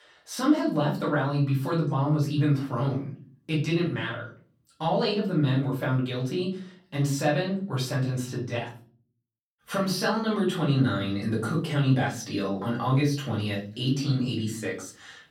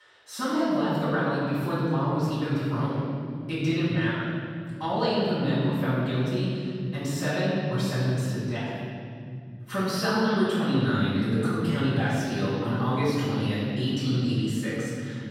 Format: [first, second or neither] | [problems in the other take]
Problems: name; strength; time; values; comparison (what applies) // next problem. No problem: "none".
first | room echo; strong; dies away in 3 s; slight in the first // off-mic speech; far; far in the first